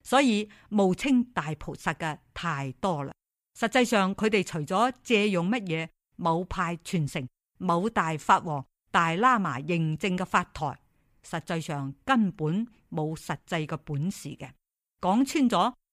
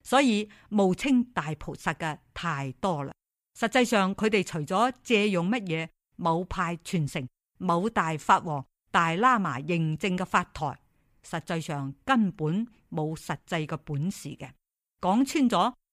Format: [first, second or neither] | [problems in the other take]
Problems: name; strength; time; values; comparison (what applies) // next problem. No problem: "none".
neither | none